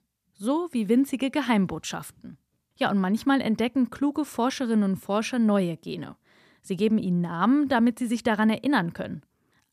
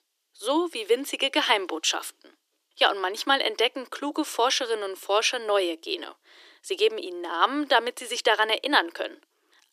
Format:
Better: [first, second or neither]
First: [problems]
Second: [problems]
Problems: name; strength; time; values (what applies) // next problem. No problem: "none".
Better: first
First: none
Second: thin; very; fading below 300 Hz